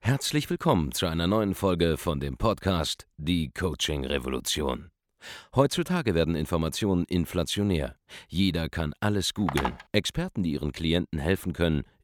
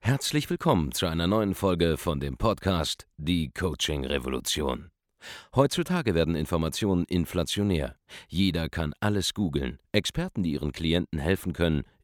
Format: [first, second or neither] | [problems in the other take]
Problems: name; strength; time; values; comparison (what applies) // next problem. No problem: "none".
second | phone ringing; noticeable; at 9.5 s; peak 4 dB below the speech